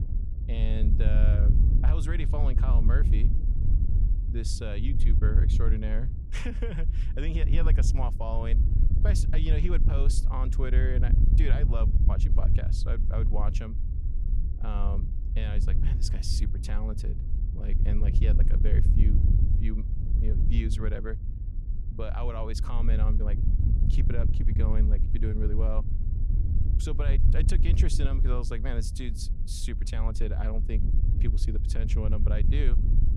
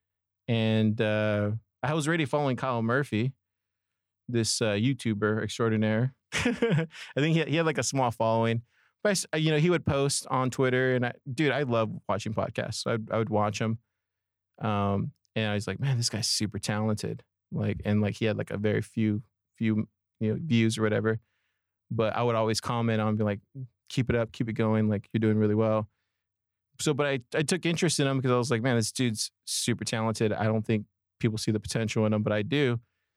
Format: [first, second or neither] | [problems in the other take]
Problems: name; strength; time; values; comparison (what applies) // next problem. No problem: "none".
second | wind noise on the microphone; heavy; 5 dB below the speech